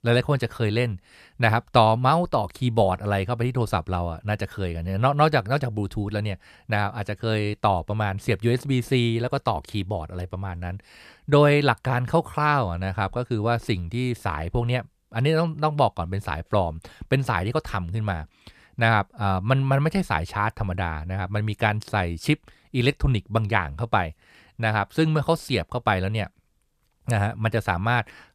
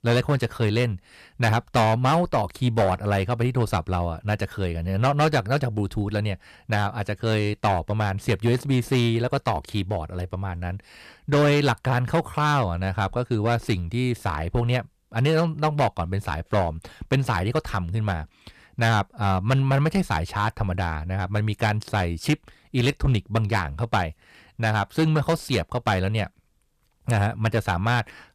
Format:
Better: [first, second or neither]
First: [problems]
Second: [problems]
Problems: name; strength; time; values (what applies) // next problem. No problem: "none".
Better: first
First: none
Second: distortion; slight; 5% of the sound clipped